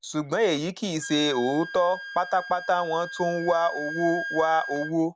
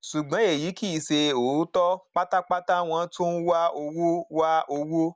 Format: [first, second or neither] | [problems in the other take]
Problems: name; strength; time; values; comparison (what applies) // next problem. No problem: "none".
second | background sound (Wind instrument, woodwind instrument); 12 dB below the speech